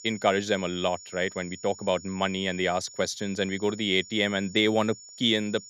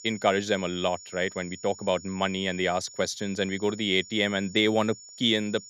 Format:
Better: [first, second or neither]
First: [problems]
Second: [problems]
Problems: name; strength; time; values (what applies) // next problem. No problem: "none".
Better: neither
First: high-pitched whine; noticeable; throughout; 7 kHz, 15 dB below the speech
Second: high-pitched whine; noticeable; throughout; 7 kHz, 15 dB below the speech